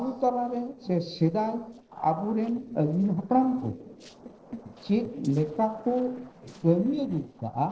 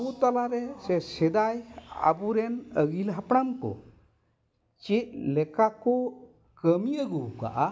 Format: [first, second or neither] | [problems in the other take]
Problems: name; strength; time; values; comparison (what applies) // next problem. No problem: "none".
second | noise reduction (neural separator model SepFormer DNS4)